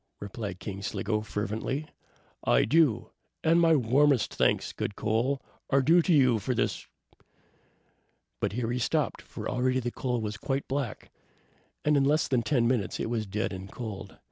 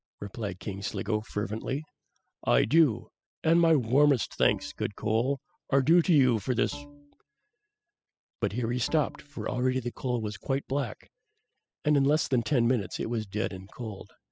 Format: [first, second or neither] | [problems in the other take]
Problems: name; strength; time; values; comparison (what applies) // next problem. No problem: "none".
first | noise reduction (classical method spectral subtraction)